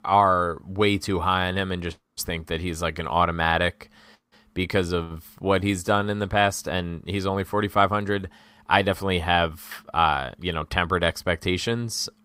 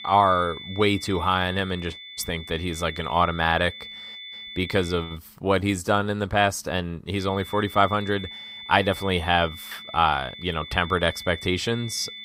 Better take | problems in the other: first | high-pitched whine; noticeable; until 5 s and from 7 s on; 3.5 kHz, 15 dB below the speech

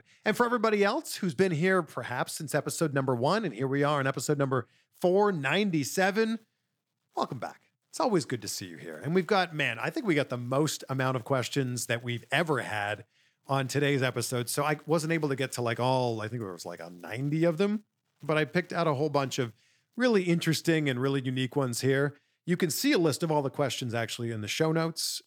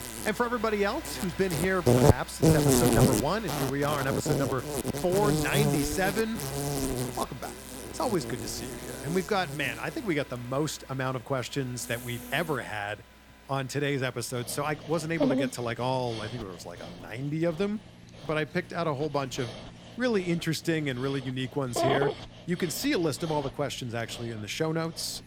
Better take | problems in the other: first | animal sounds; very loud; throughout; 1 dB above the speech

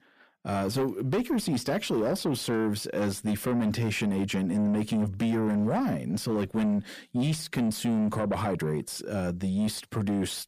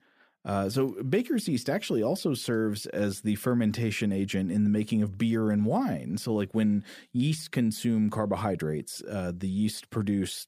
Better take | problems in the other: second | distortion; slight; 10 dB below the speech

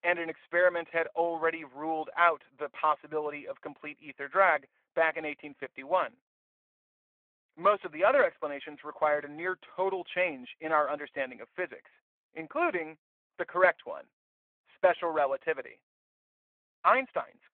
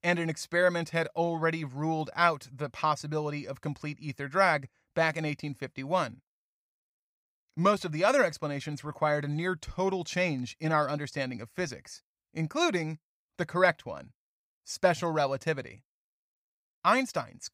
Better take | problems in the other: second | phone-call audio

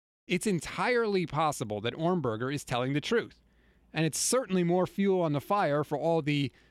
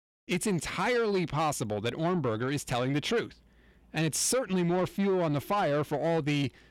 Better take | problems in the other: first | distortion; slight; 10 dB below the speech

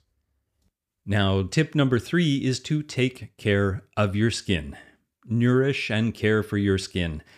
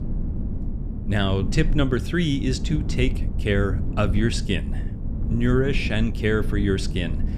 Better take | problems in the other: first | low rumble; noticeable; throughout; 10 dB below the speech

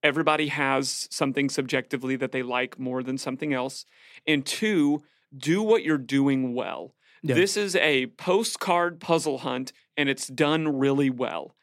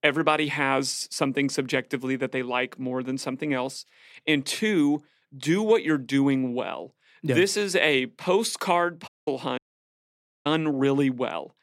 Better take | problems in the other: first | audio cutting out; at 9 s and at 9.5 s for 1 s

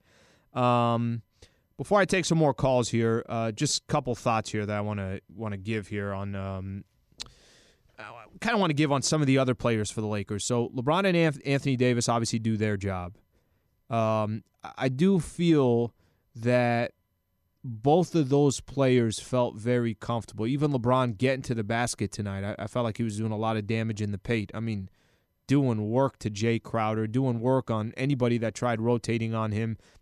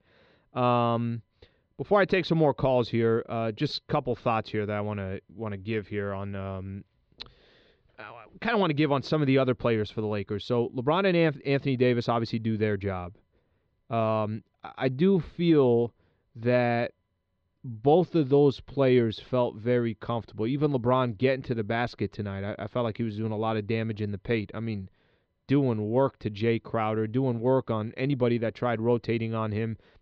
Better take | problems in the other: first | muffled; slightly; fading above 4 kHz

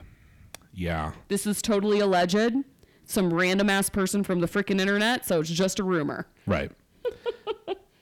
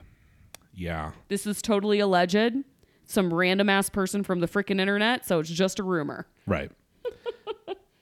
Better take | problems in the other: second | distortion; slight; 10 dB below the speech

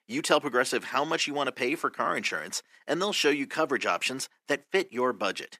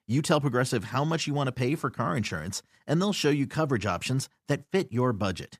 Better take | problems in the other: second | thin; somewhat; fading below 300 Hz

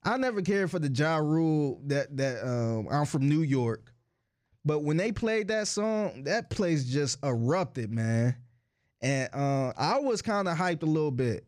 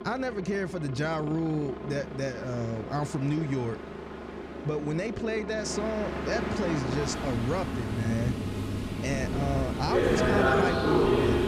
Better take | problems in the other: first | train or aircraft noise; very loud; throughout; 1 dB above the speech

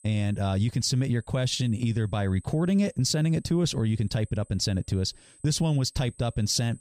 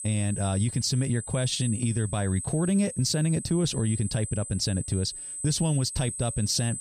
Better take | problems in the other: first | high-pitched whine; loud; throughout; 8 kHz, 8 dB below the speech; faint in the first

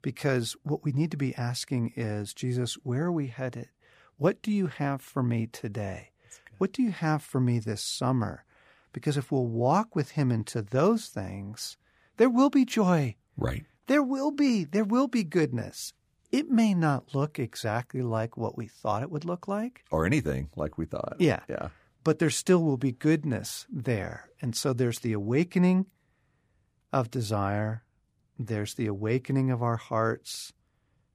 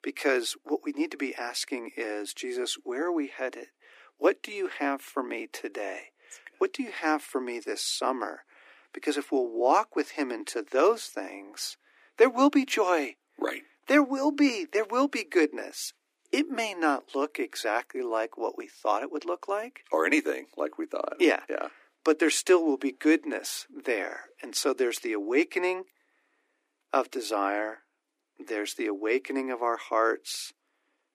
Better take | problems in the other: first | thin; somewhat; fading below 300 Hz

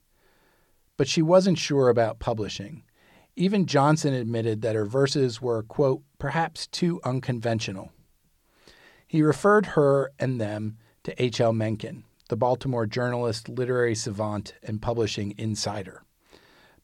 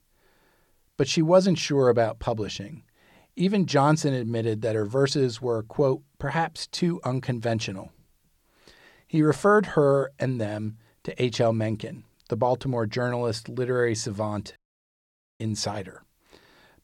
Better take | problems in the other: first | audio cutting out; at 15 s for 1 s

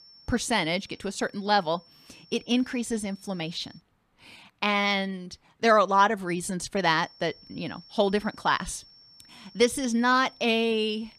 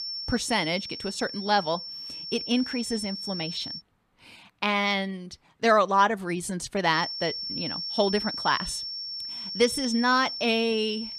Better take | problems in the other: first | high-pitched whine; loud; until 4 s and from 7 s on; 5.5 kHz, 6 dB below the speech; faint in the first

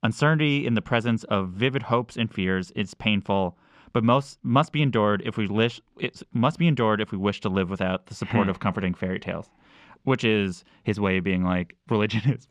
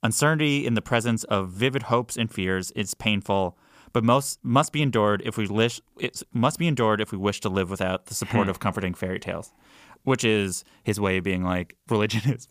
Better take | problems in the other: second | muffled; slightly; fading above 3 kHz

